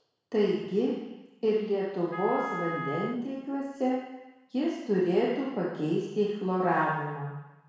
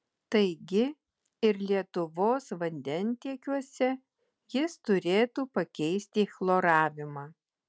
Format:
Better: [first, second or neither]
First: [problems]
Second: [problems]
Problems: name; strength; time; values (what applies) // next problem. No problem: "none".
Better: second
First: background sound (Wind instrument, woodwind instrument); 9 dB below the speech // room echo; dies away in 1.1 s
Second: none